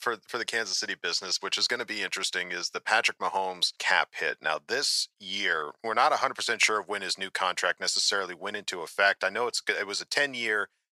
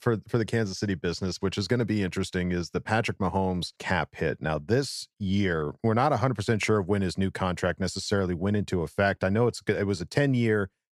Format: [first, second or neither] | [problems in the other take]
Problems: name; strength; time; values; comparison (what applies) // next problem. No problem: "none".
second | thin; very; fading below 850 Hz